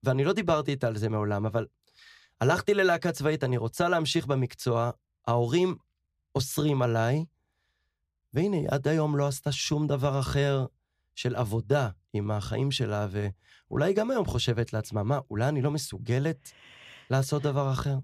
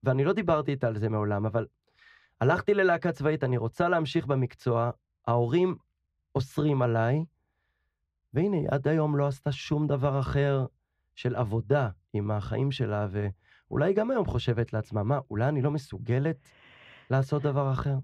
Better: first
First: none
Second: muffled; slightly; fading above 4 kHz

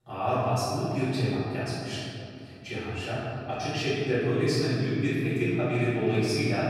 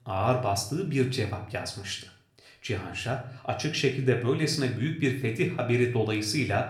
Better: second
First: room echo; strong; dies away in 2.9 s // off-mic speech; far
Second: room echo; slight; dies away in 0.5 s // off-mic speech; somewhat distant

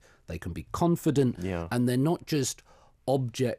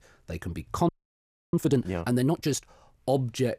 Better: first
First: none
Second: audio freezing; at 1 s for 0.5 s

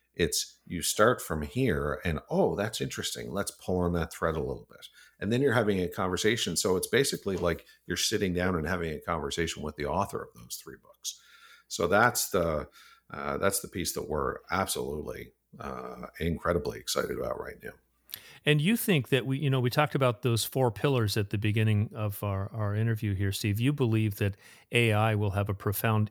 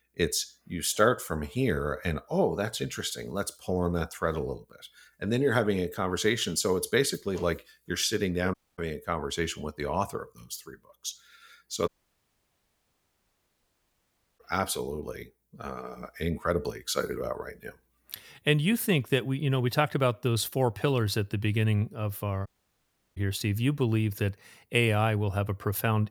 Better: first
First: none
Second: audio cutting out; at 8.5 s, at 12 s for 2.5 s and at 22 s for 0.5 s

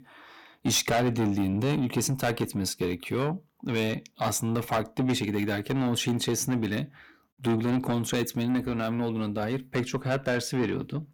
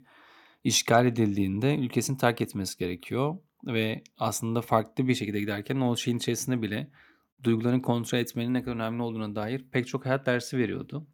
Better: second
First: distortion; heavy; 7 dB below the speech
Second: none

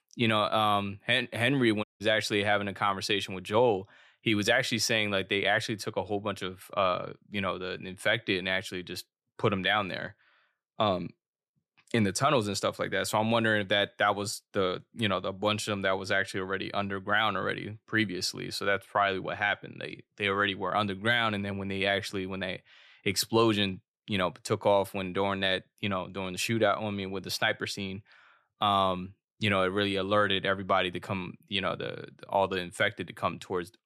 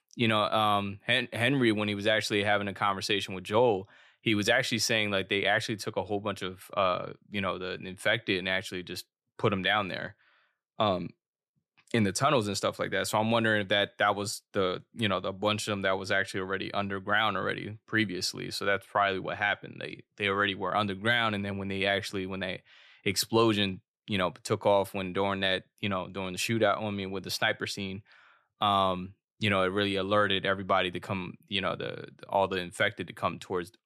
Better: second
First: audio cutting out; at 2 s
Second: none

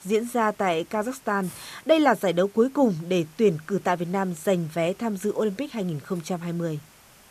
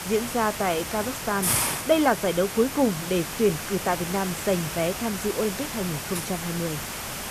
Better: first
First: hiss; faint; throughout; 25 dB below the speech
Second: hiss; loud; throughout; 3 dB below the speech

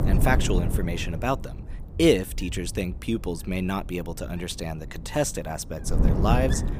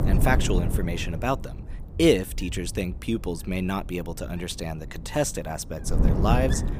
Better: neither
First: wind noise on the microphone; heavy; 8 dB below the speech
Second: wind noise on the microphone; heavy; 8 dB below the speech

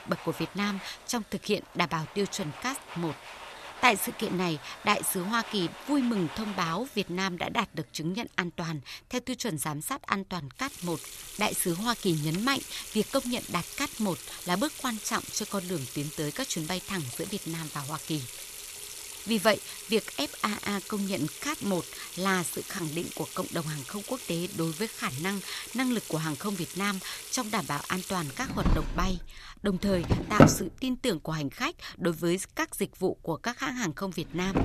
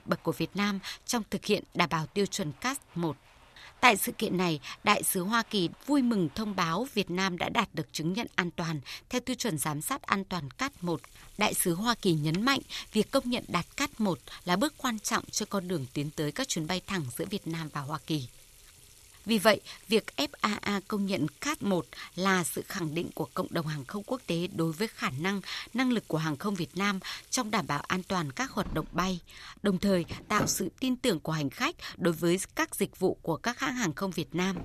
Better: second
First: household noises; loud; throughout; 5 dB below the speech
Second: household noises; faint; throughout; 20 dB below the speech

